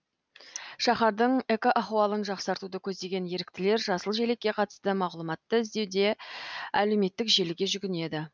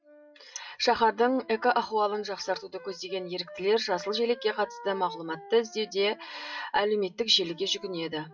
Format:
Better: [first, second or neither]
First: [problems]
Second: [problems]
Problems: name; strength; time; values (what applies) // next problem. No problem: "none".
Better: first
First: none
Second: noise reduction (classical method WPE with log-MMSE)